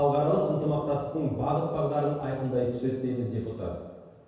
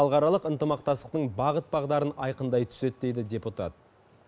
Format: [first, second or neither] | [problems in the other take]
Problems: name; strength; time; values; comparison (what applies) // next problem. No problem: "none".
second | room echo; dies away in 1.2 s